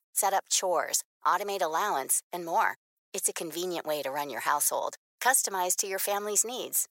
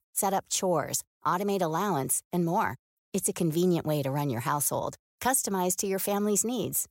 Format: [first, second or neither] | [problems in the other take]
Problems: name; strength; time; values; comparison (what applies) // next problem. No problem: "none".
second | thin; very; fading below 600 Hz